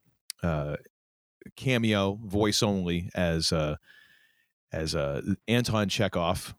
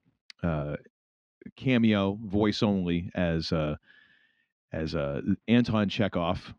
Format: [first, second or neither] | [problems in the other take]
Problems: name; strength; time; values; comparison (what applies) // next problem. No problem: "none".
first | muffled; very slightly; fading above 4 kHz